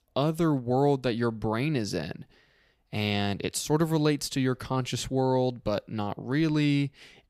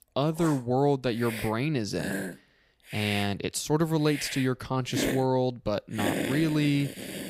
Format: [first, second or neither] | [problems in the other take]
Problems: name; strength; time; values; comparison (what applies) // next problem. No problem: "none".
first | hiss; loud; throughout; 7 dB below the speech